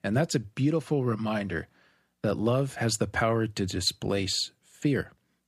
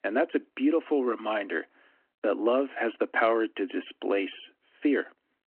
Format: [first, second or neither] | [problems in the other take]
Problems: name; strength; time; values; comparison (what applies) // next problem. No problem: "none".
first | phone-call audio